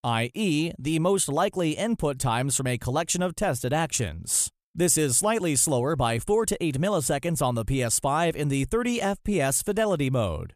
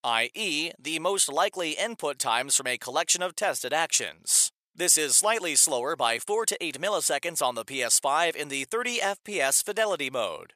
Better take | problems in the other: first | thin; very; fading below 550 Hz

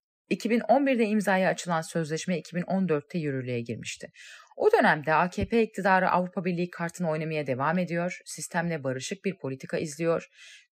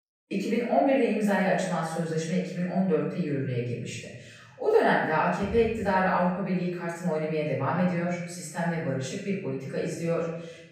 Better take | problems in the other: first | off-mic speech; far // room echo; noticeable; dies away in 1 s

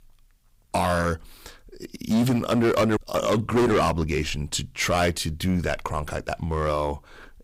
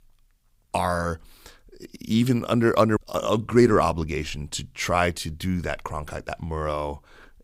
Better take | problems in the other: second | distortion; heavy; 8% of the sound clipped

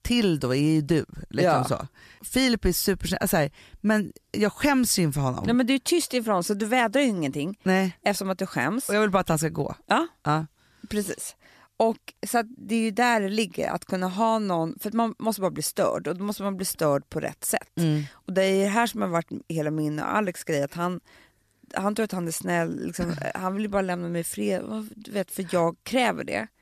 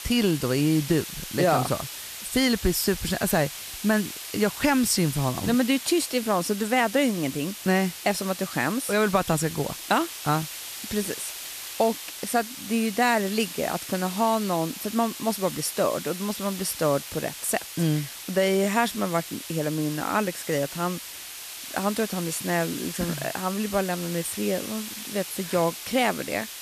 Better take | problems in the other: first | hiss; loud; throughout; 9 dB below the speech

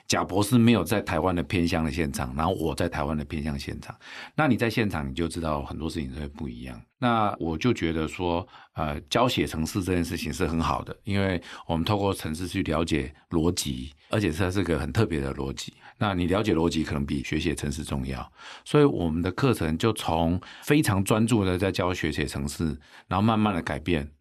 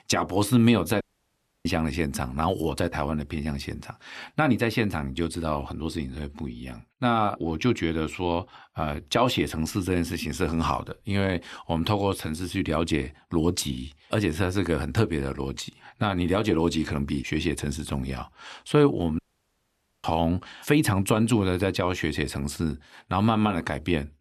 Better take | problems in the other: first | audio cutting out; at 1 s for 0.5 s and at 19 s for 1 s

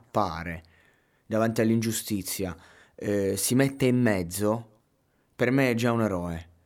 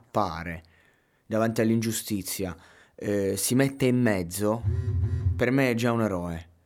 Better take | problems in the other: first | phone ringing; noticeable; at 4.5 s; peak 1 dB below the speech

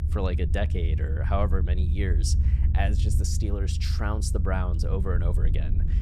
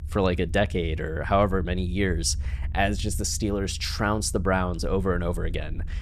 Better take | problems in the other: second | low rumble; loud; throughout; 8 dB below the speech; faint in the second

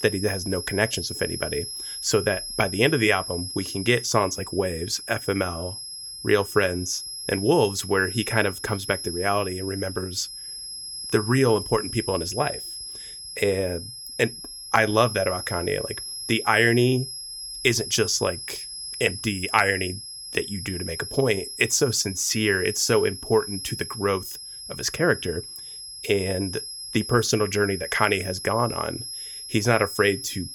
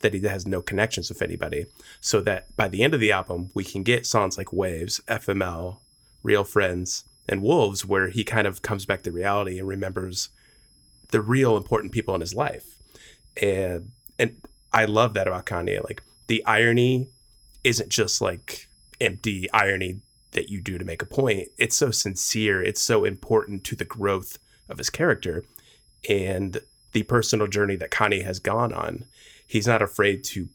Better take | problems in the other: second | high-pitched whine; loud; throughout; 5 kHz, 9 dB below the speech; faint in the second

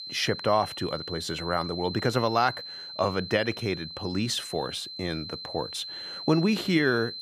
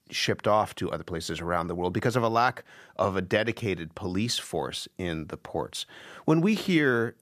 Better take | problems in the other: second | high-pitched whine; loud; throughout; 4 kHz, 9 dB below the speech

